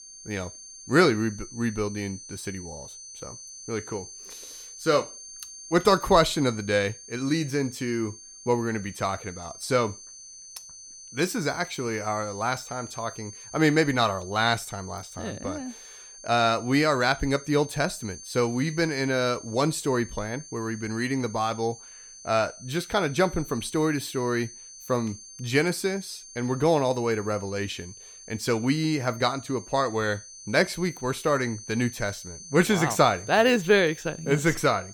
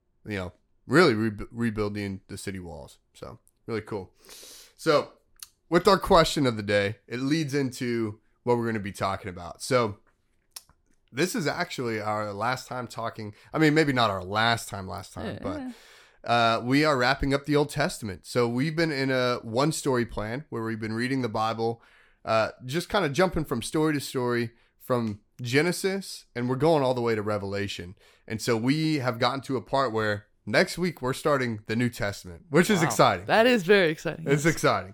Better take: second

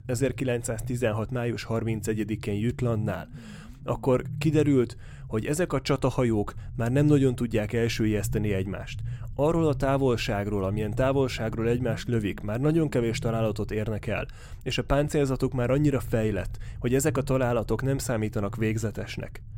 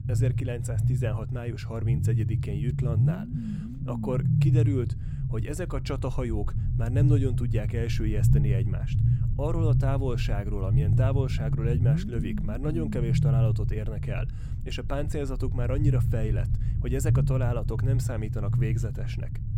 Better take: first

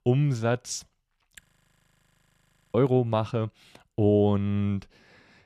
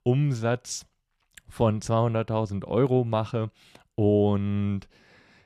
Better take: second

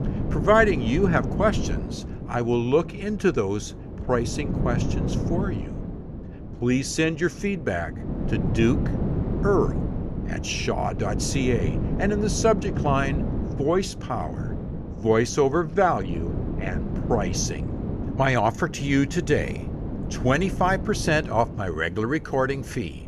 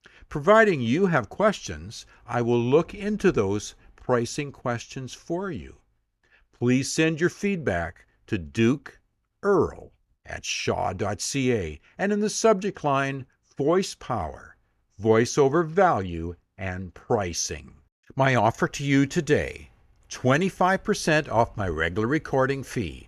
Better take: second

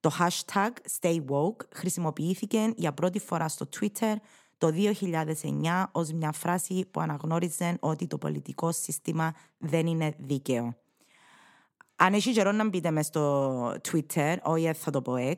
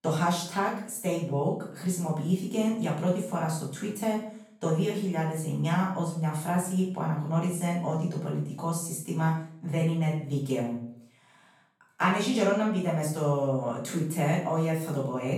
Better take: first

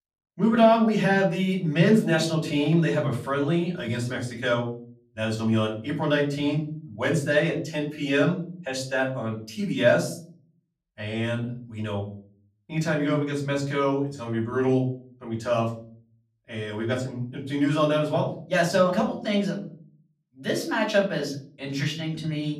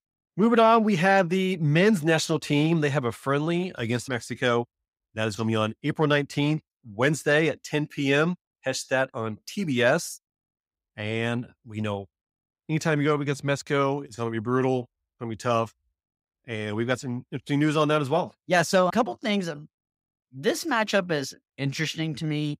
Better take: second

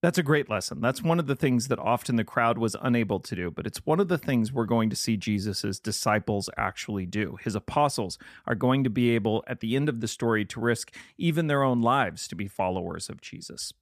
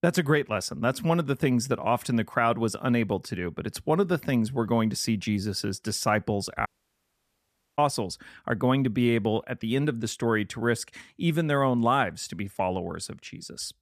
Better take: first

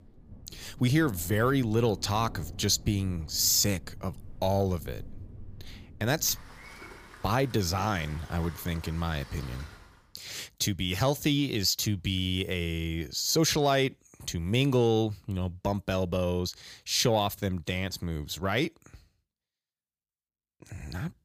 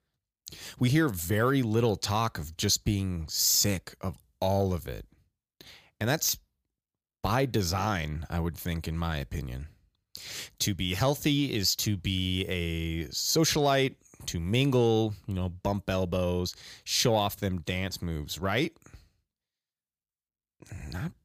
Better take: second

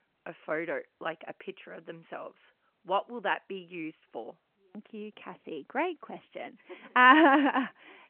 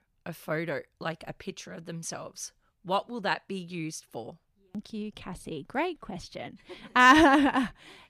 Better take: second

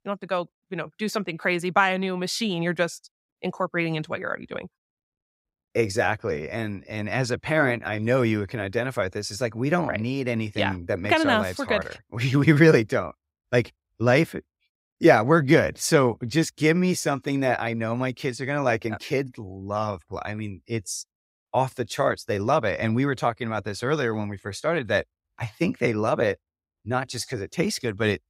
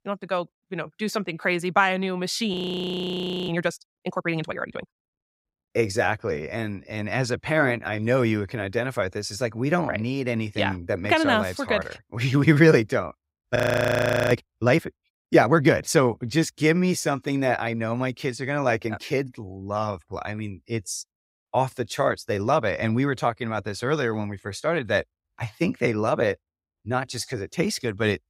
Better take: first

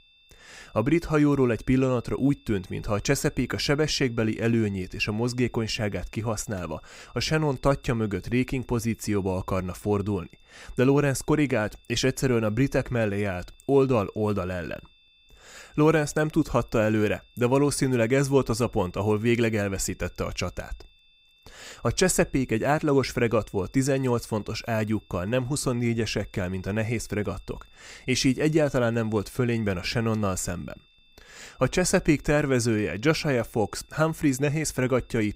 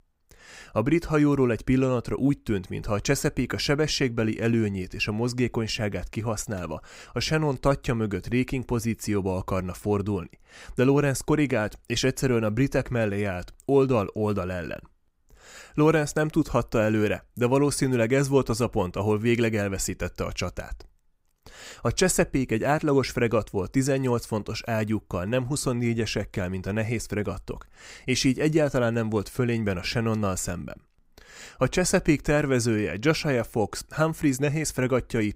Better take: second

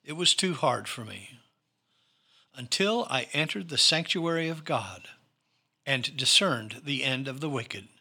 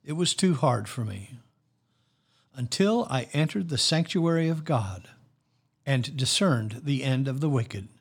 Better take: second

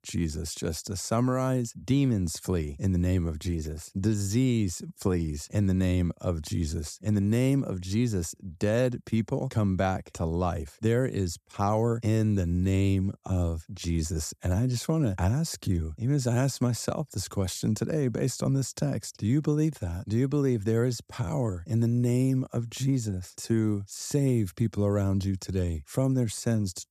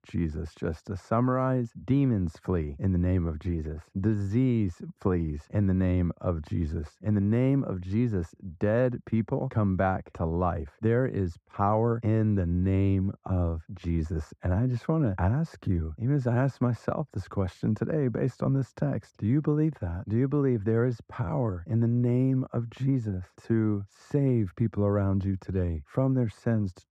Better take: first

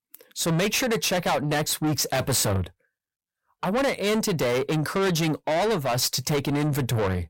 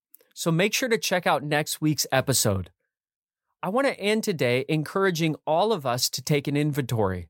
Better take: second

